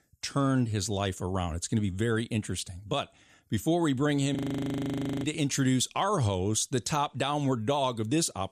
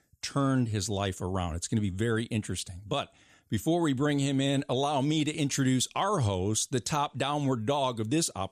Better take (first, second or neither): second